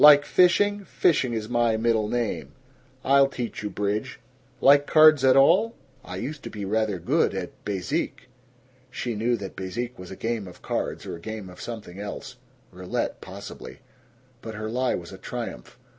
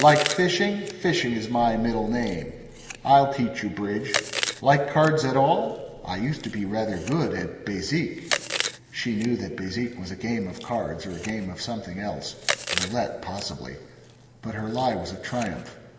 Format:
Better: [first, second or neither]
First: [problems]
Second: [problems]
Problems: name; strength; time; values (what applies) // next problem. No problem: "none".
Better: first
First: none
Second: background sound (Chewing, mastication); 10 dB below the speech // room echo; dies away in 2.2 s